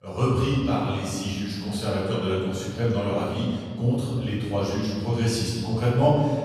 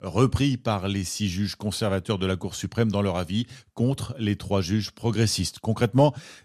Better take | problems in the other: second | off-mic speech; far // room echo; strong; dies away in 1.6 s

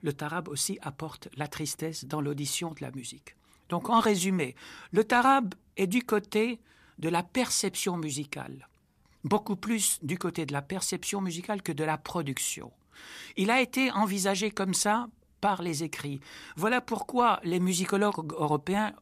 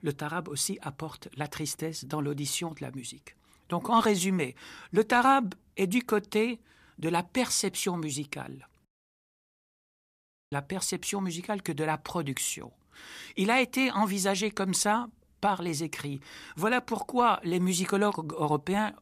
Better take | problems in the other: first | audio cutting out; at 9 s for 1.5 s

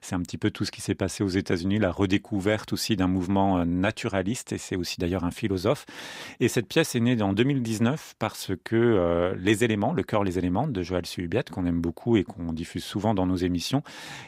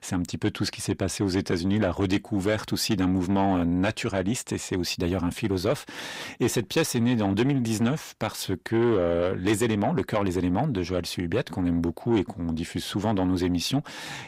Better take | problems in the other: first | distortion; slight; 10 dB below the speech

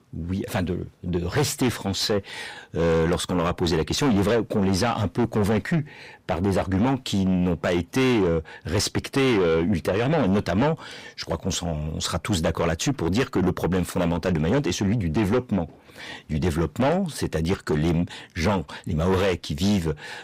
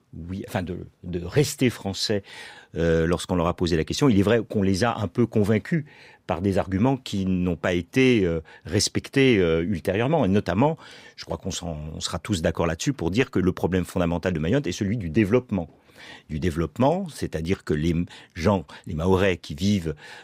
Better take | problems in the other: second | distortion; heavy; 6 dB below the speech

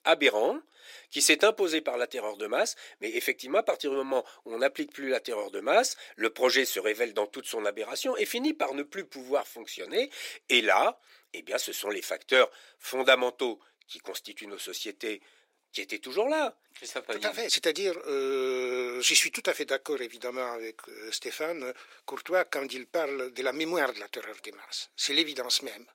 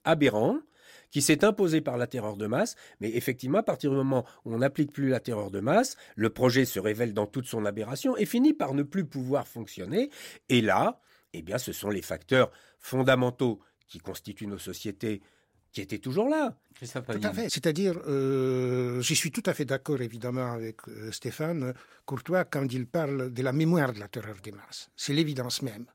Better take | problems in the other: second | thin; somewhat; fading below 350 Hz

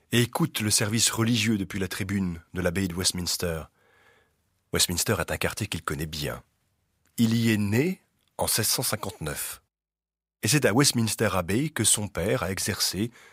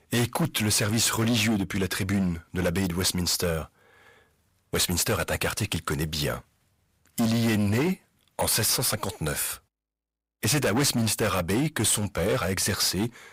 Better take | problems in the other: first | distortion; heavy; 14% of the sound clipped

